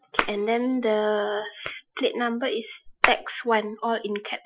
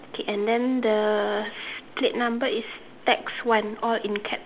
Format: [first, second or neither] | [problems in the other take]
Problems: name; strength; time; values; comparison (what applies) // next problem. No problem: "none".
second | noise reduction (classical method Wiener filter)